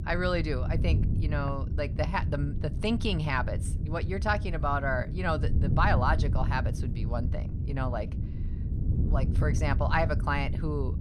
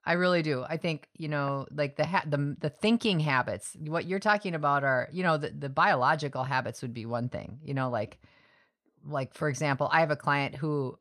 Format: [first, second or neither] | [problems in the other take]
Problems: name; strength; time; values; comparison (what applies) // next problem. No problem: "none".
second | wind noise on the microphone; occasional gusts; 15 dB below the speech